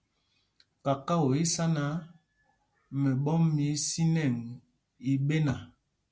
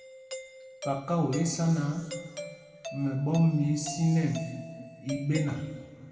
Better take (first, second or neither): first